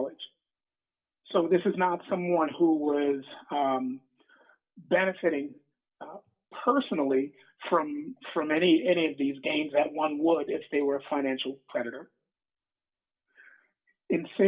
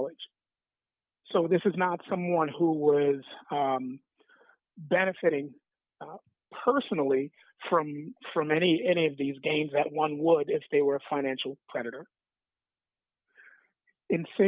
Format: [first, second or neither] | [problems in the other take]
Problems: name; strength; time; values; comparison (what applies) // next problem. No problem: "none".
second | room echo; dies away in 0.2 s